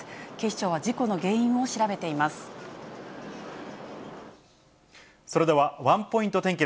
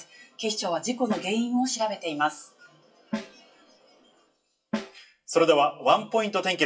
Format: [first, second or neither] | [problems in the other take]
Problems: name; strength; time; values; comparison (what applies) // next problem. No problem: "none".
first | noise reduction (classical method WPE with log-MMSE)